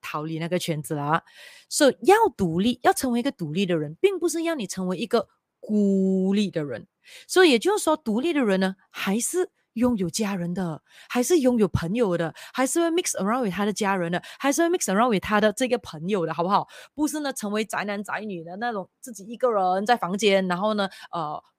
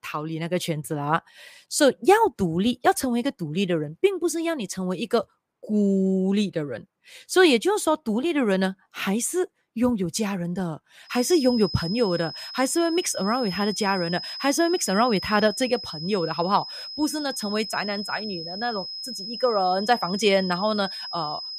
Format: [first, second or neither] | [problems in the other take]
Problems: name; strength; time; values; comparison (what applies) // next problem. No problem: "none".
first | high-pitched whine; loud; from 11 s on; 5 kHz, 8 dB below the speech